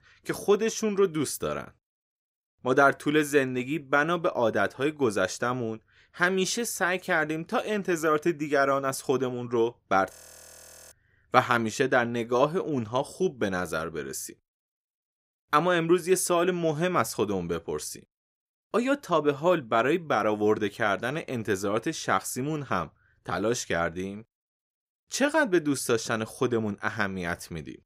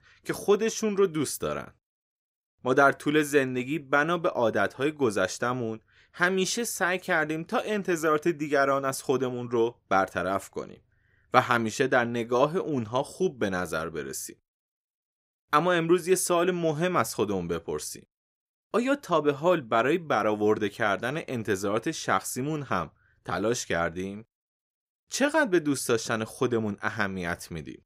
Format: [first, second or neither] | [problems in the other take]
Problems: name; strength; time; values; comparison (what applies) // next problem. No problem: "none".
second | audio freezing; at 10 s for 1 s